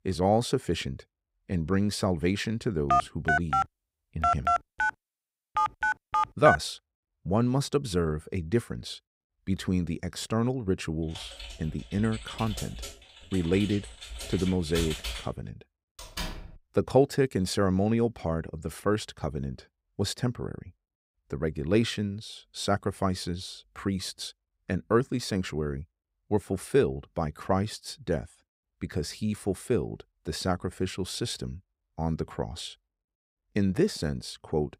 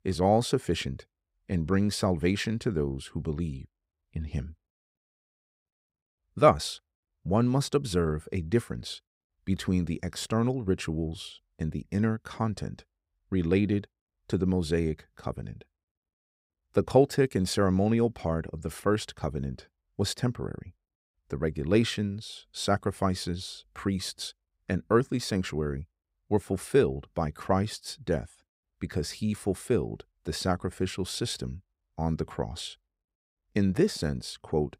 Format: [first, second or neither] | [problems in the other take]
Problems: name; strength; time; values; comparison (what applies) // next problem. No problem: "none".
second | phone ringing; loud; from 3 to 6.5 s; peak 5 dB above the speech // keyboard typing; noticeable; from 11 to 15 s; peak 3 dB below the speech // door banging; noticeable; at 16 s; peak 7 dB below the speech